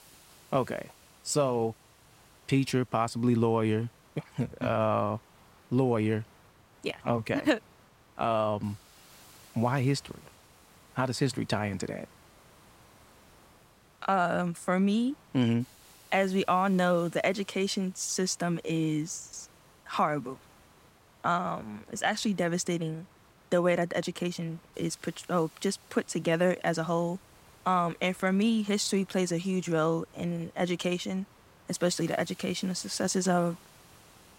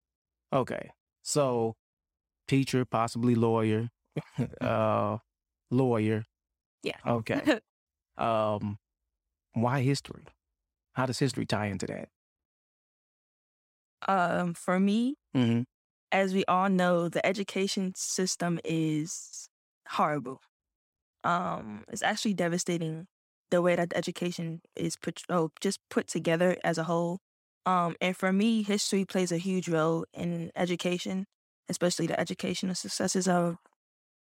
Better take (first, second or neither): second